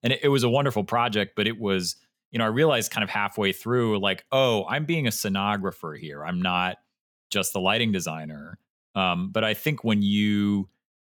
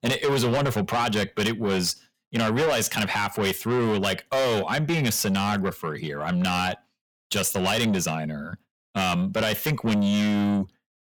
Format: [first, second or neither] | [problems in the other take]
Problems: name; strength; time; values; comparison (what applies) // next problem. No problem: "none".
first | distortion; heavy; 6 dB below the speech